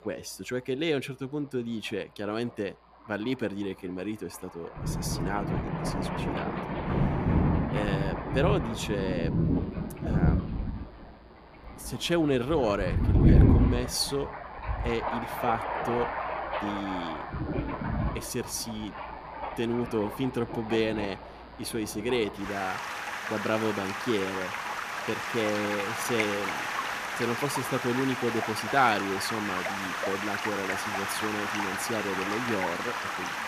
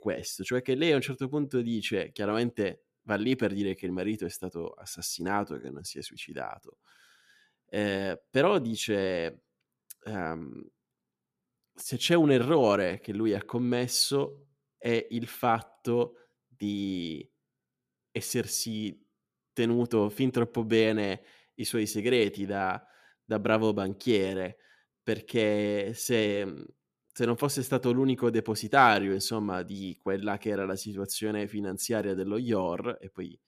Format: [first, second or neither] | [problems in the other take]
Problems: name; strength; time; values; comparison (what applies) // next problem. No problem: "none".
second | rain or running water; very loud; throughout; 1 dB above the speech